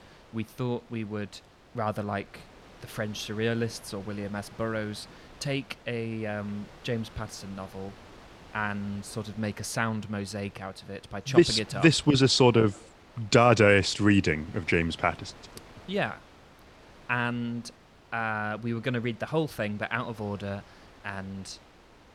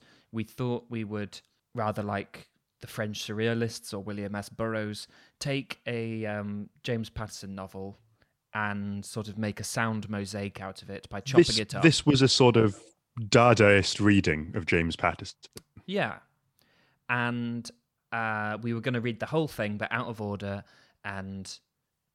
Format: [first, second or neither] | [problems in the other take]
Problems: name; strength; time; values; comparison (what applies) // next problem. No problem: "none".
second | wind noise on the microphone; occasional gusts; 25 dB below the speech